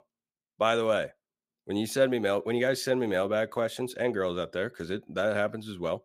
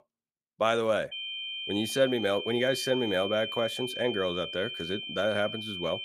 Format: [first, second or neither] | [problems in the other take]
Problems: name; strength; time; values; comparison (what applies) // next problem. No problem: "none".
first | high-pitched whine; loud; from 1 s on; 3 kHz, 6 dB below the speech